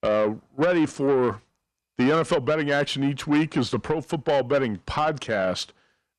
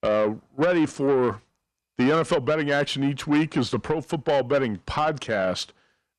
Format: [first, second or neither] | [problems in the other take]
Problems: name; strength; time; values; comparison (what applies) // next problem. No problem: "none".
neither | distortion; slight; 10 dB below the speech; the same in both